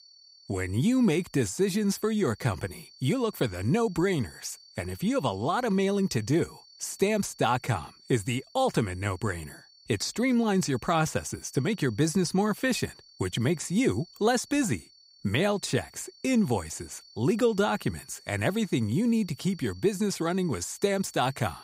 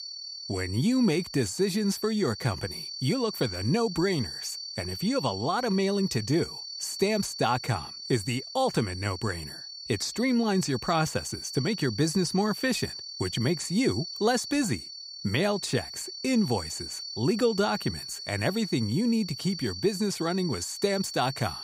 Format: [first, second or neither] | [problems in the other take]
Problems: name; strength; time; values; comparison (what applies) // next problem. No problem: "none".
first | high-pitched whine; loud; throughout; 4.5 kHz, 8 dB below the speech; faint in the first